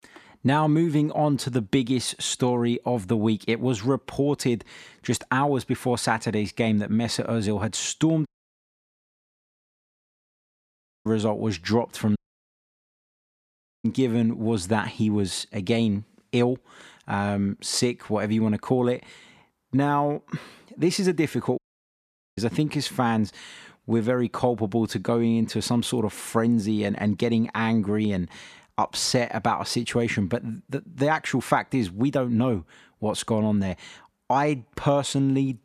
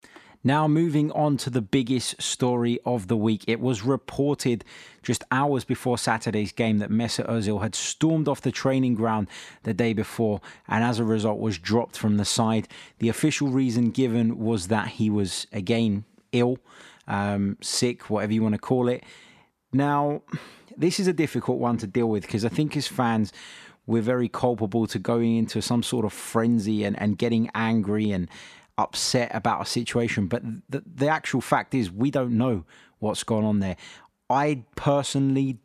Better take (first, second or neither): second